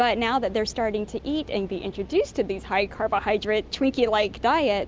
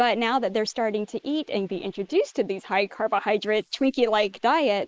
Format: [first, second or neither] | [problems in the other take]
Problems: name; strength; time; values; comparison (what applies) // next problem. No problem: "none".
first | noise reduction (neural mask model Resemble Enhance denoiser)